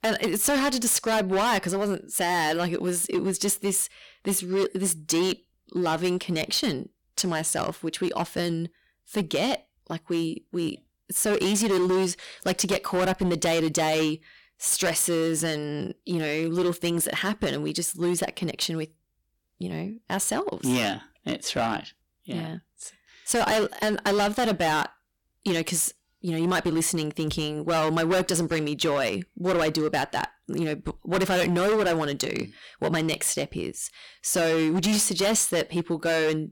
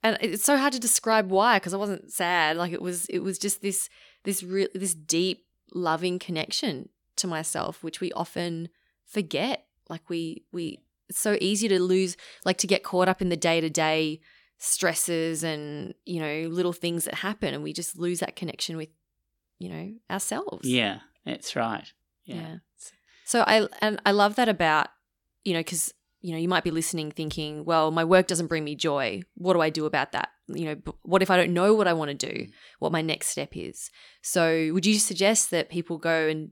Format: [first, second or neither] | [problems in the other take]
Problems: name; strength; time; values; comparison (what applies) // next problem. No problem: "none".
second | distortion; heavy; 13% of the sound clipped